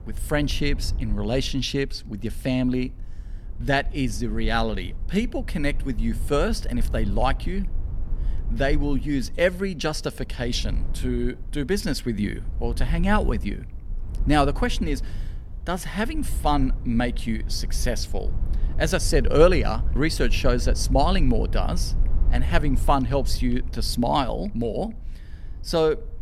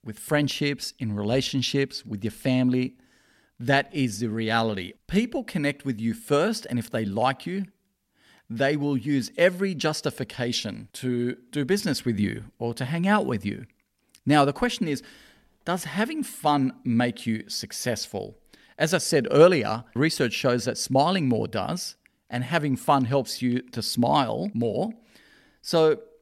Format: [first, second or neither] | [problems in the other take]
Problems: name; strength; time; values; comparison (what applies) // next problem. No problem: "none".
second | low rumble; faint; throughout; 20 dB below the speech